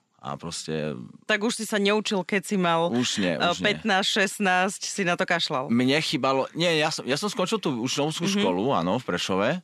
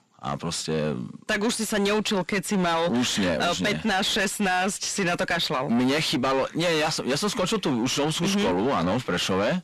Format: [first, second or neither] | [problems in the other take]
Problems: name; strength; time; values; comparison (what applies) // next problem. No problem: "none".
first | distortion; heavy; 7 dB below the speech